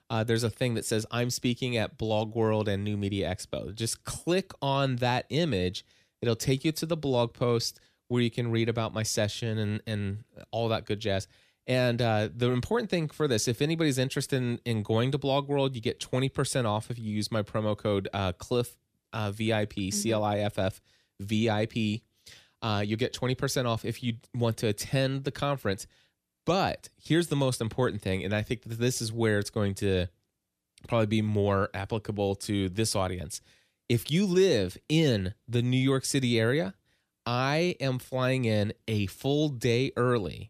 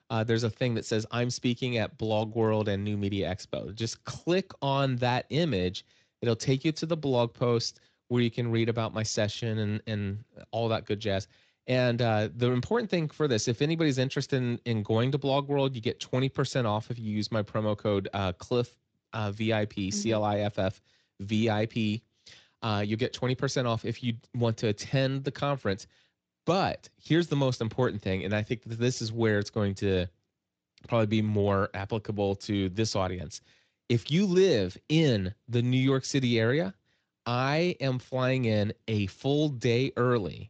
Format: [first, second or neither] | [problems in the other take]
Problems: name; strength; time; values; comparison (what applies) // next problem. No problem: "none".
first | garbled, watery; slightly; nothing above 7.5 kHz